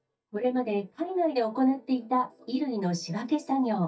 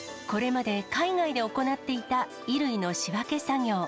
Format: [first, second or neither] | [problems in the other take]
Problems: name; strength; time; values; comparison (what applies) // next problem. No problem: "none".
second | noise reduction (neural mask model DeepFilterNet 3)